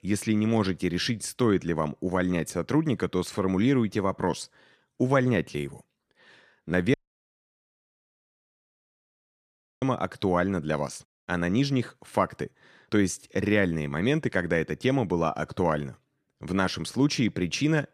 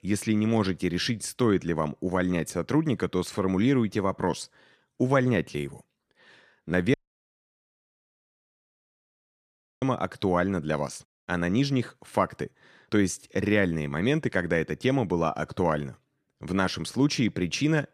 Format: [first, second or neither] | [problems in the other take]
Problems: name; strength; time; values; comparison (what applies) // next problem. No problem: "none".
neither | audio cutting out; at 7 s for 3 s; the same in both